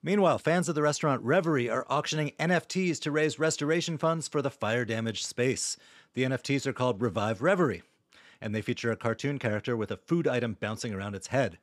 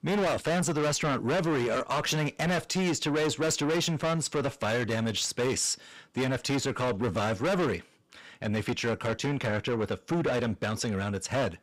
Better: first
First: none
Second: distortion; heavy; 5 dB below the speech

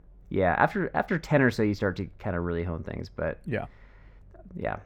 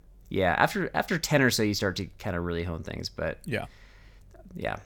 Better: second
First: muffled; very; fading above 3 kHz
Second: none

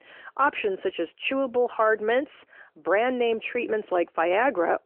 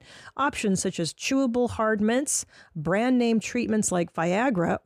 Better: second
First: phone-call audio; nothing above 3 kHz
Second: none

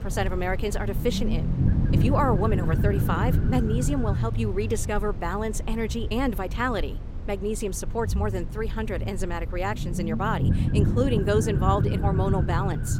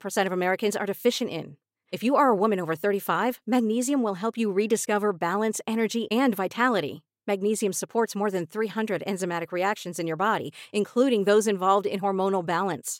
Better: second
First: low rumble; loud; throughout; 8 dB below the speech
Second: none

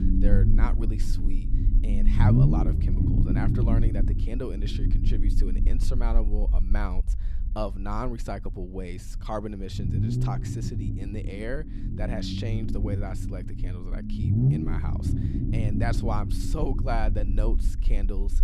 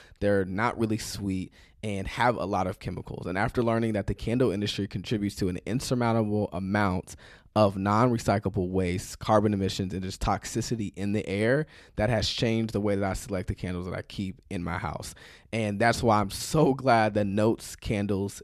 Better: second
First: low rumble; loud; throughout; 2 dB below the speech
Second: none

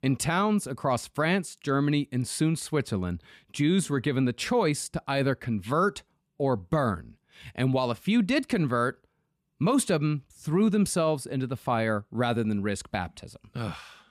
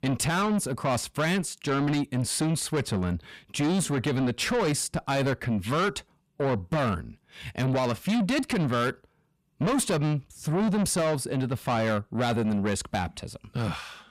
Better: first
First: none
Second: distortion; heavy; 8 dB below the speech

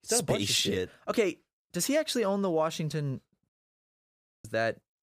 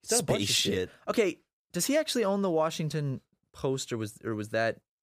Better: second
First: audio cutting out; at 3.5 s for 1 s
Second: none

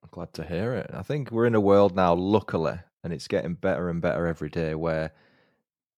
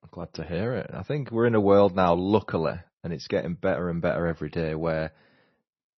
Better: first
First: none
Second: garbled, watery; slightly; nothing above 6 kHz

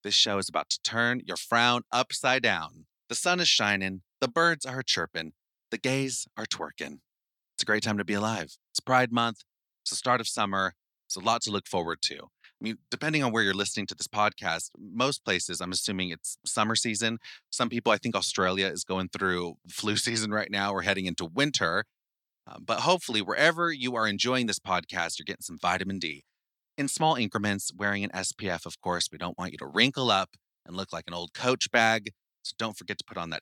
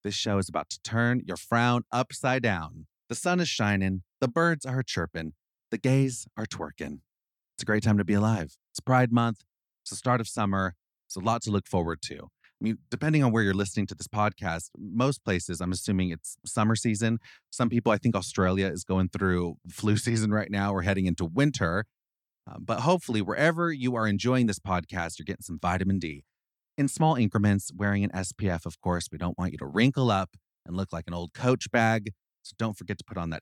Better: second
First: thin; somewhat; fading below 1 kHz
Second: none

